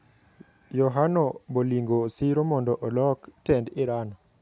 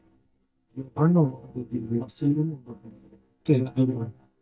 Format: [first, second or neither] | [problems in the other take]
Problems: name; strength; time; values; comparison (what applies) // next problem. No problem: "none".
first | noise reduction (neural mask model DeepFilterNet 3)